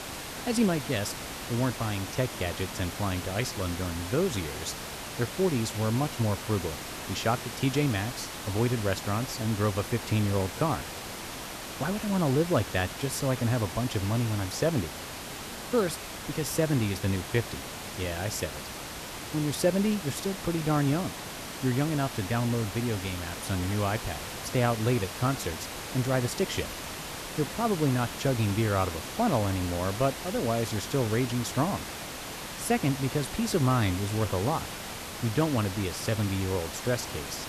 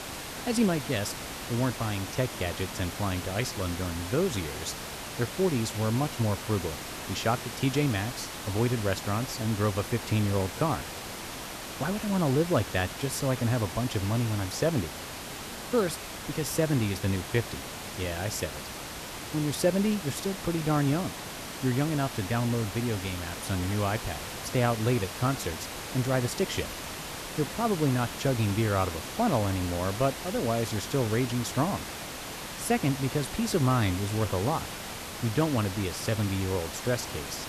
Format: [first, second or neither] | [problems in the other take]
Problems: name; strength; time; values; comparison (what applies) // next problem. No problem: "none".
neither | hiss; loud; throughout; 7 dB below the speech; the same in both